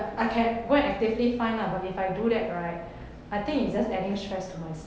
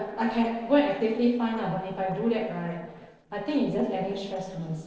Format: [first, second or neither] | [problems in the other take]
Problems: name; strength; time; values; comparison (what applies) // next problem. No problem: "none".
first | noise reduction (neural separator model SepFormer DNS4)